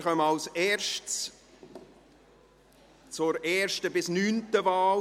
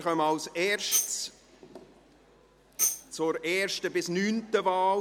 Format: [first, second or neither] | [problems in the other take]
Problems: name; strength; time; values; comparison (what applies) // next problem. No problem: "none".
first | background sound (Tambourine); 5 dB below the speech